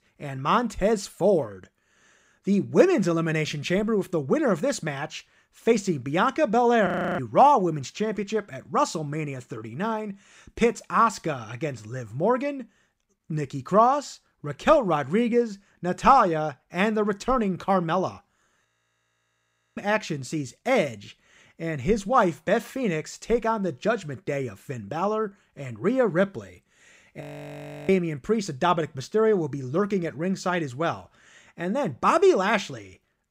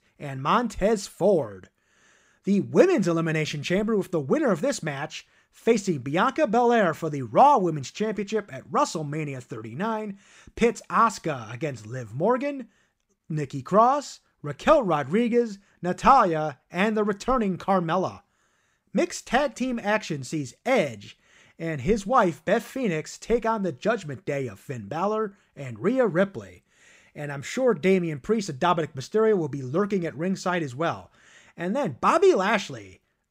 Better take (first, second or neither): second